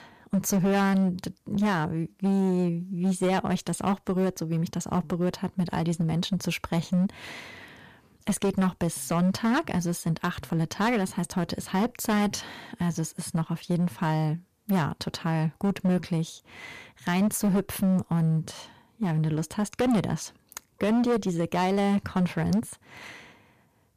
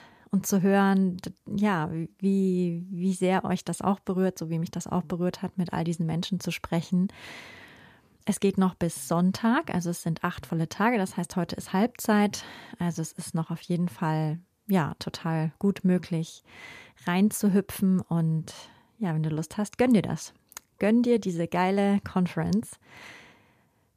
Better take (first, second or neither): second